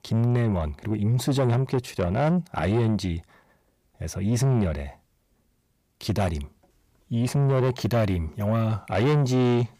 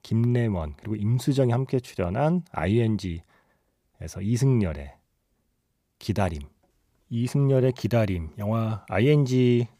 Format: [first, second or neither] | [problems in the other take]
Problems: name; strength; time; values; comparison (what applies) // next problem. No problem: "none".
second | distortion; slight; 10 dB below the speech